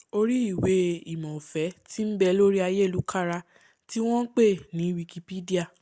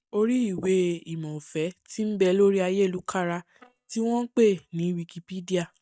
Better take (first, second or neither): first